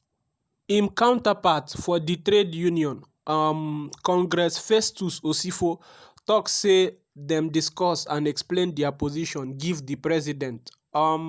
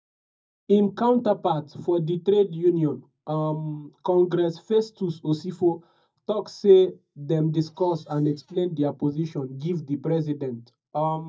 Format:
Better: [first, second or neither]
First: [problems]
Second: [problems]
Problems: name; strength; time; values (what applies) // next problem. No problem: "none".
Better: first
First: none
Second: noise reduction (neural mask model DeepFilterNet 3)